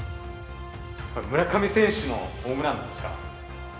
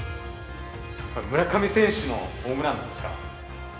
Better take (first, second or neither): first